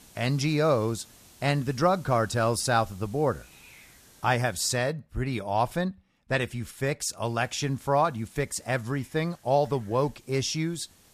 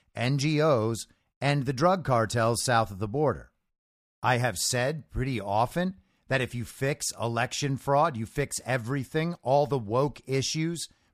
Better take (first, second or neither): second